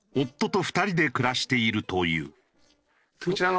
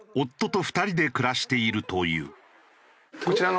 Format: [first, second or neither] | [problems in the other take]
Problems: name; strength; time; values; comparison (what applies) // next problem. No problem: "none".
second | noise reduction (neural separator model SepFormer DNS4)